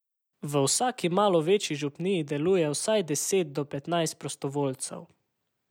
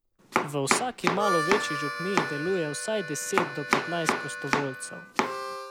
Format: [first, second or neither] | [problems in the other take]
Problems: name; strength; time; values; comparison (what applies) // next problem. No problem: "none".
first | background sound (Harmonica + Domestic sounds, home sounds); 2 dB above the speech